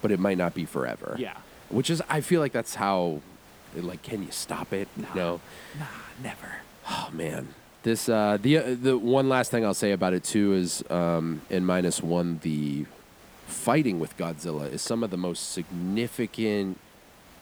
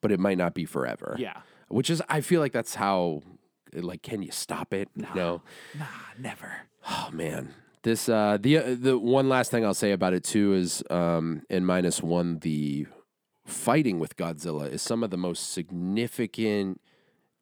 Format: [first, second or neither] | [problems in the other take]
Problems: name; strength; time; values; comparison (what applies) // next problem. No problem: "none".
second | hiss; faint; throughout; 25 dB below the speech